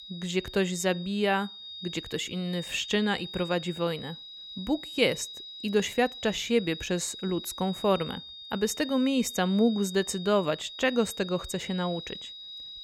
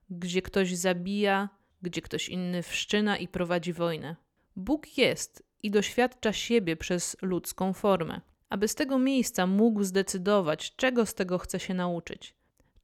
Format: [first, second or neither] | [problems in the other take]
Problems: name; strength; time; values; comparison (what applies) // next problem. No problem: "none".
second | high-pitched whine; noticeable; throughout; 3.5 kHz, 10 dB below the speech